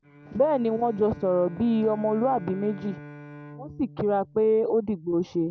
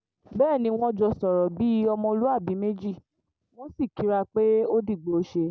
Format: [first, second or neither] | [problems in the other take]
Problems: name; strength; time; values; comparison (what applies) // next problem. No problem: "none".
second | background sound (Bowed string instrument); 19 dB below the speech